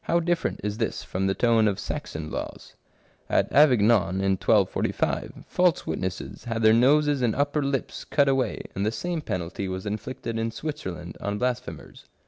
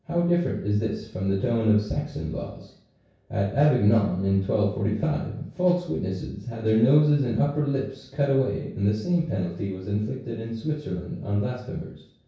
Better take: first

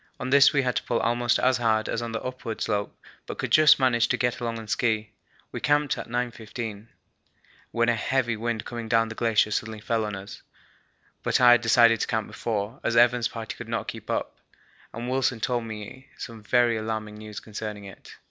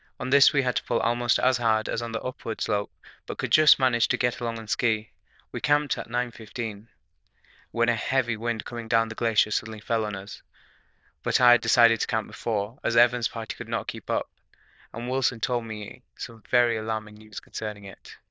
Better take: first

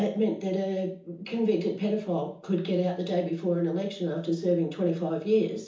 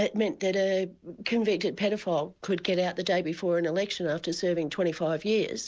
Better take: second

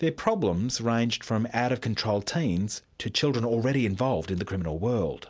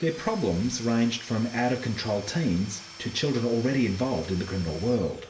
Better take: first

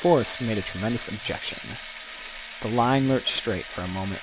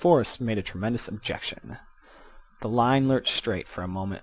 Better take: second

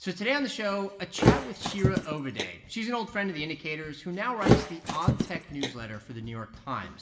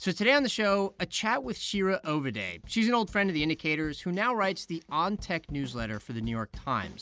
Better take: second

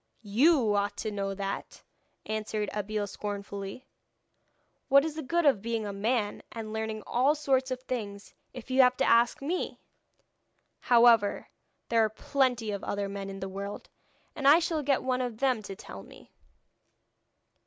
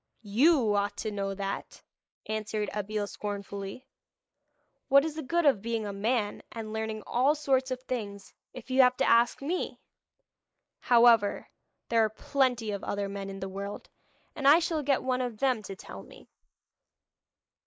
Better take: first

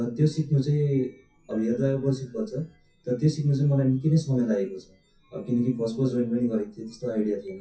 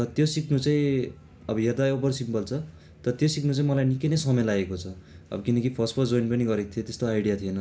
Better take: second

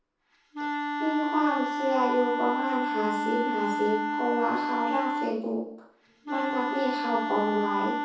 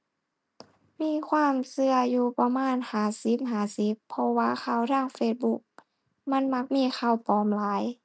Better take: second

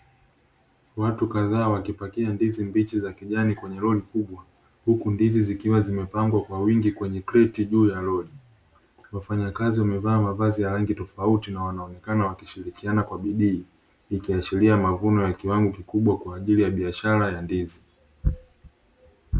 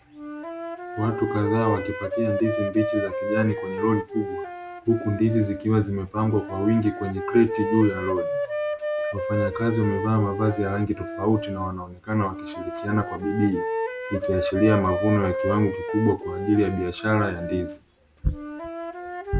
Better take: first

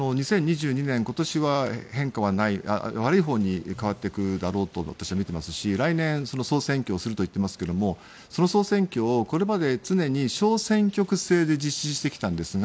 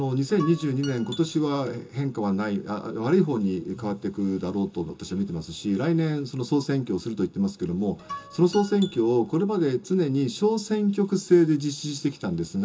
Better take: first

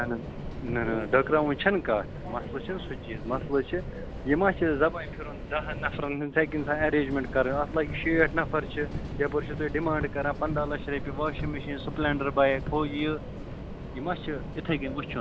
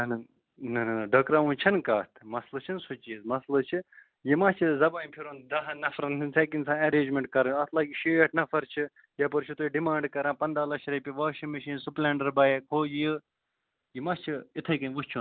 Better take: second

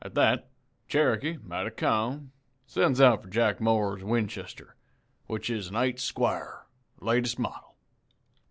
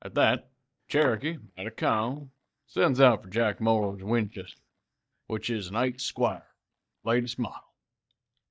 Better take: first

